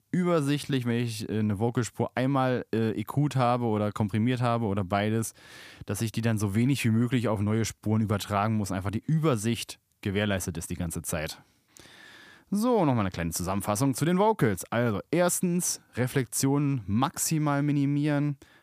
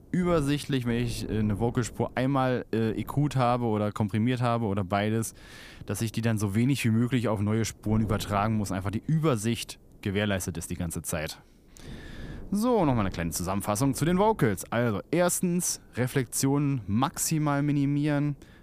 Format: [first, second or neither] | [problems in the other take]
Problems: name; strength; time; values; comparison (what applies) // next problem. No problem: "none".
first | wind noise on the microphone; occasional gusts; 25 dB below the speech